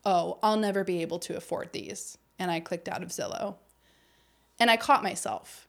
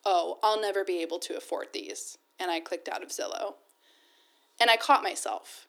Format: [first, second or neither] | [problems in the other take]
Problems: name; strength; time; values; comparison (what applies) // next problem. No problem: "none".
first | thin; somewhat; fading below 300 Hz